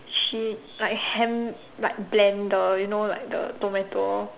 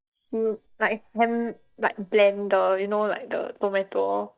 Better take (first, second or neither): first